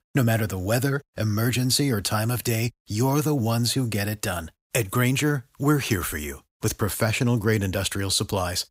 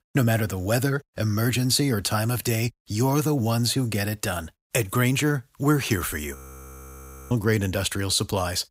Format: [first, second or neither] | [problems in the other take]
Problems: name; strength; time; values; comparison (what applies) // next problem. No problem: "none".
first | audio freezing; at 6.5 s for 1 s